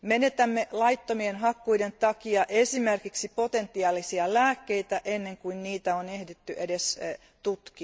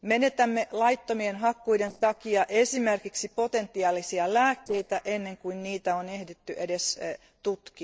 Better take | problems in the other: first | noise reduction (neural separator model SepFormer DNS4)

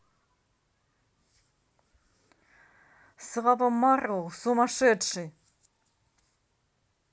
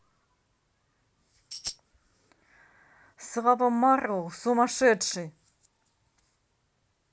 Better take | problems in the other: first | background sound (Tambourine); 8 dB below the speech

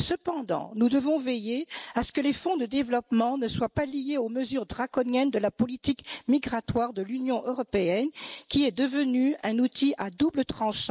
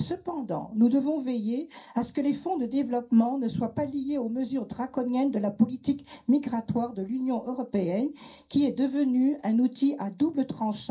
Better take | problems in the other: first | room echo; dies away in 0.3 s

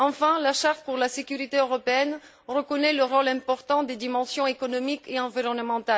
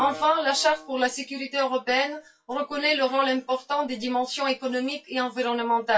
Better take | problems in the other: first | noise reduction (classical method WPE with log-MMSE)

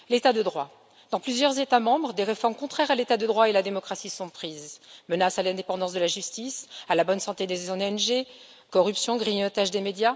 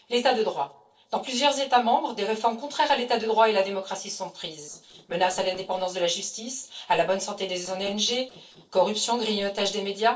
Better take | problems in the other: first | noise reduction (neural separator model SepFormer DNS4)

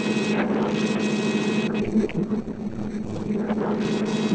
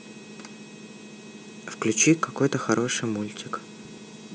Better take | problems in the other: second | noise reduction (neural separator model SepFormer DNS4)

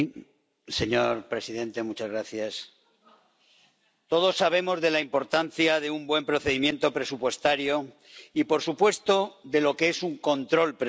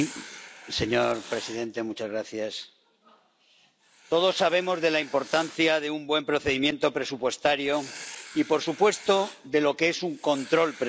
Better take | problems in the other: first | background sound (Writing); 19 dB below the speech

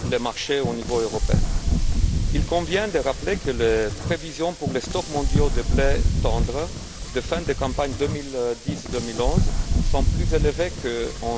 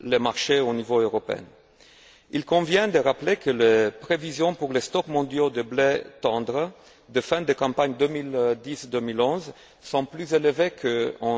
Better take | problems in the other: second | background sound (Wind); 3 dB above the speech

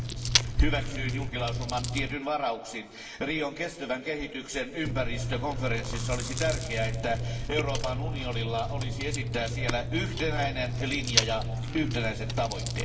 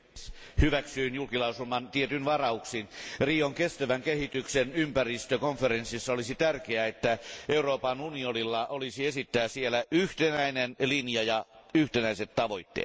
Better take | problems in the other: second | background sound (Chewing, mastication); as loud as the speech // room echo; dies away in 1.7 s

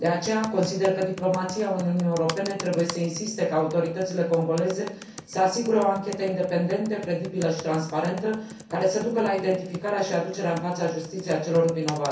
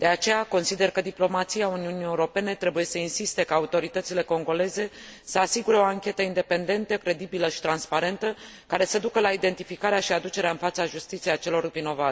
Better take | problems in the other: second | background sound (Computer keyboard); 16 dB below the speech // room echo; dies away in 0.6 s

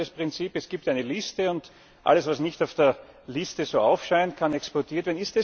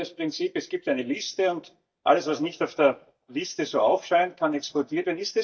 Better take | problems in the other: first | noise reduction (neural mask model DeepFilterNet 3)

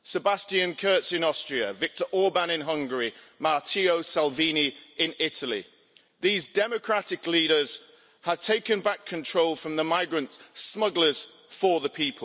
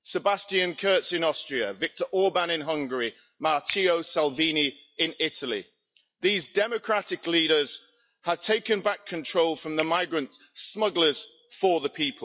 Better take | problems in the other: first | noise reduction (classical method log-MMSE)

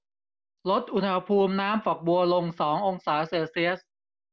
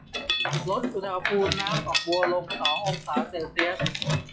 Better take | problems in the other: first | noise reduction (classical method log-MMSE)

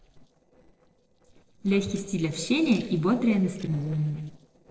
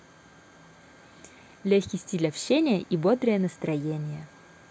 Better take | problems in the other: second | noise reduction (neural separator model SepFormer DNS4)

